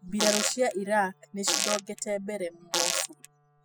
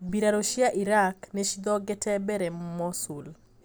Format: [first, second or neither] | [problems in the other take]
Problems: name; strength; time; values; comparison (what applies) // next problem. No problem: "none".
second | noise reduction (classical method spectral subtraction)